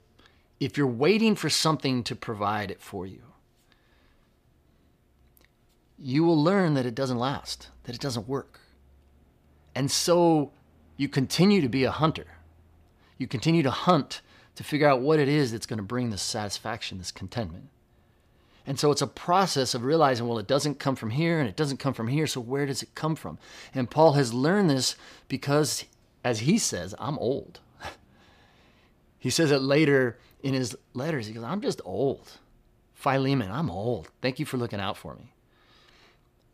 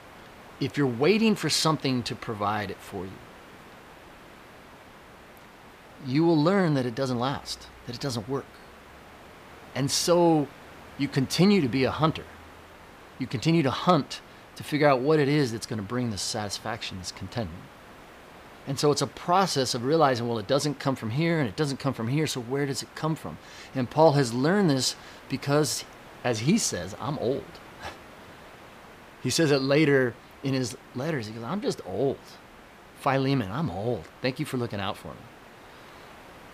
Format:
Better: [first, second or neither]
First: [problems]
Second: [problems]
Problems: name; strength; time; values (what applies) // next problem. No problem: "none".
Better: first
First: none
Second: hiss; faint; throughout; 20 dB below the speech